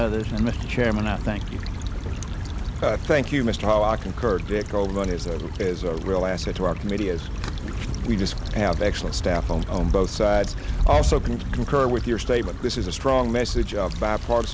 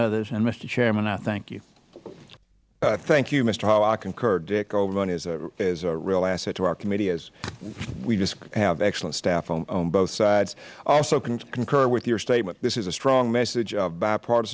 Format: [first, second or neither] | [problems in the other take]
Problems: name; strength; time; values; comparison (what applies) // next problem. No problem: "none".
second | background sound (Stream / Trickle, dribble / Traffic noise, roadway noise); 3 dB below the speech